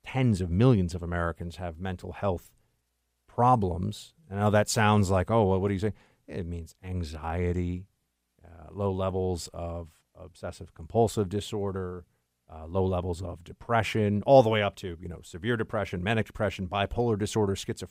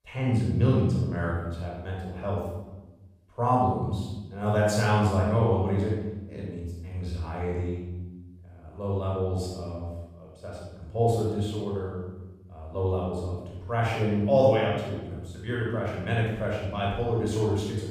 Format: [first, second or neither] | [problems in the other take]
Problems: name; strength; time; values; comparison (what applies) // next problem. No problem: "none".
first | off-mic speech; far // room echo; strong; dies away in 1.1 s